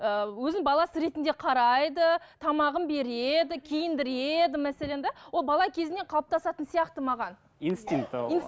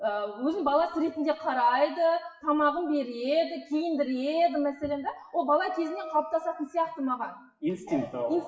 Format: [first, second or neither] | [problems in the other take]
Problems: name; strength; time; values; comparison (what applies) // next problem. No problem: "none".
first | noise reduction (classical method WPE with log-MMSE)